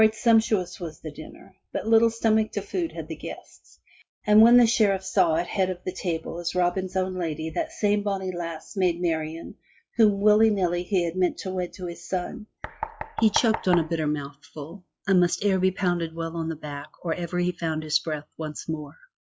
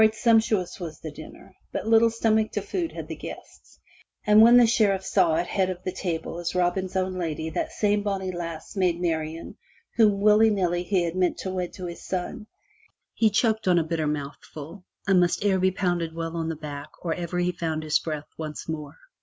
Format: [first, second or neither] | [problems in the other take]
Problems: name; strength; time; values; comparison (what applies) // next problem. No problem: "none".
second | noise reduction (classical method log-MMSE)